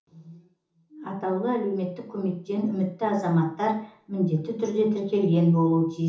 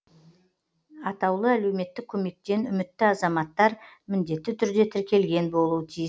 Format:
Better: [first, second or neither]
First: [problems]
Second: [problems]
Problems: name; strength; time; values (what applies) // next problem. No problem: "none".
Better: second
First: room echo; dies away in 0.7 s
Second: none